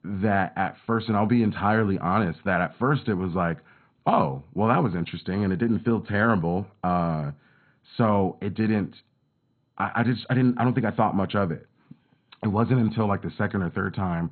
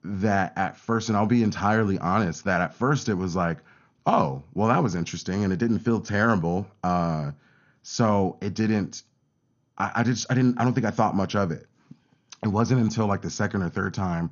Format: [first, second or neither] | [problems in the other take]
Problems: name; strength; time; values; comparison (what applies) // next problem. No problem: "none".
second | garbled, watery; badly; nothing above 4 kHz; slightly in the second